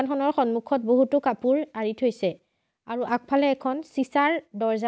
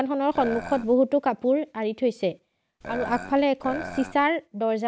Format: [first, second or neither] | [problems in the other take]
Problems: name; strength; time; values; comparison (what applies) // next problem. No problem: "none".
first | background sound (Burping, eructation); 11 dB below the speech